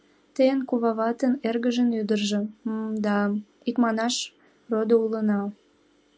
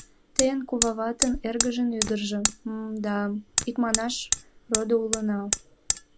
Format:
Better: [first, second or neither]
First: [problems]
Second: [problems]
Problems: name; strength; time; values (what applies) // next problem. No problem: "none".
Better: first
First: none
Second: background sound (Hammer); 2 dB below the speech